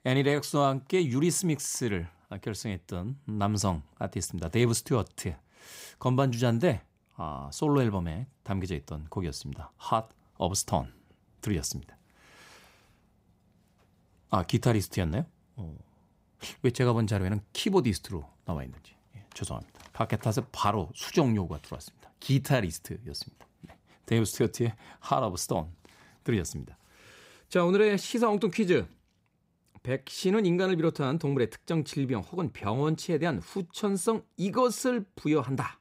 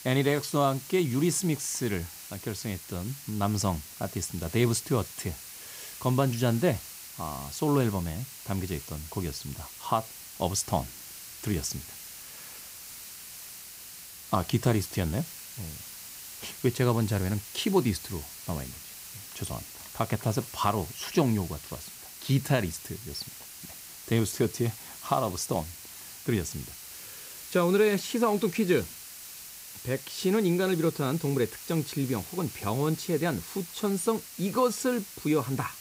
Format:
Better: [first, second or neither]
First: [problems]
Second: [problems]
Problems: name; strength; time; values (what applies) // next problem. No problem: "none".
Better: first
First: none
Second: hiss; noticeable; throughout; 10 dB below the speech